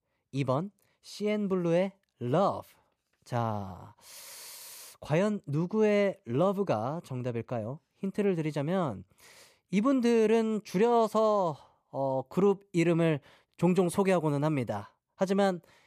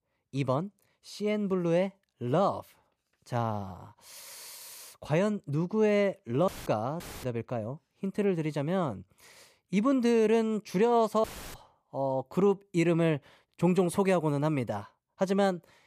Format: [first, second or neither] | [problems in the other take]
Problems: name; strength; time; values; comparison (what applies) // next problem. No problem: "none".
first | audio cutting out; filled with static; at 6.5 s, at 7 s and at 11 s